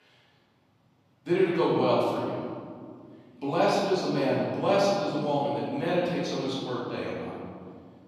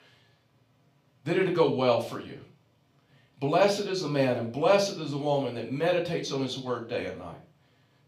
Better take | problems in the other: second | room echo; strong; dies away in 2.1 s; slight in the second // off-mic speech; far; far in the second

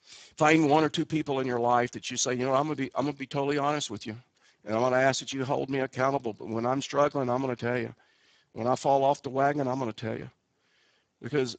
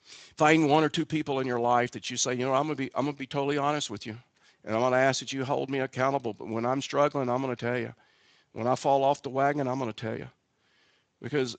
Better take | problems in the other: second | garbled, watery; badly; nothing above 7.5 kHz; slightly in the second

